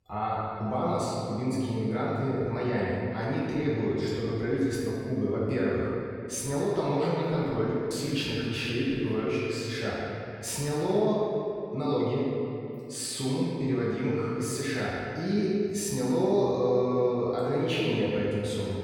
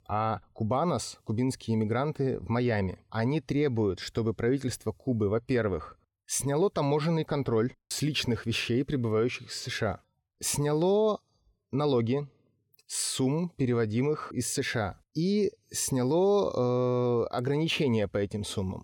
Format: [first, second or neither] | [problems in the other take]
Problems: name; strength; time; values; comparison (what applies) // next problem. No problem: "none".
second | room echo; strong; dies away in 2.4 s // off-mic speech; far